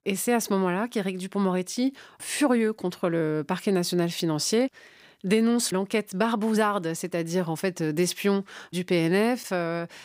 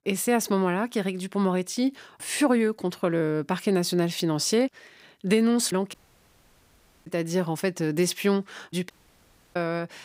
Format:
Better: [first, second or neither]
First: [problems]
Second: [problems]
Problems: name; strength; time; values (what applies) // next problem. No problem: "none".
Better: first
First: none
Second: audio cutting out; at 6 s for 1 s and at 9 s for 0.5 s